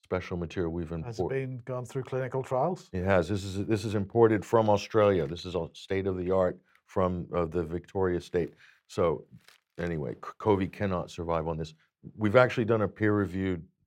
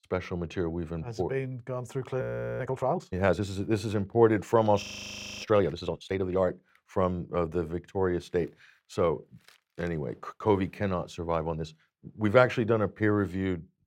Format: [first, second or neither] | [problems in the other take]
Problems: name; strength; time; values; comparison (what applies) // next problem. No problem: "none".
first | audio freezing; at 2 s and at 5 s for 0.5 s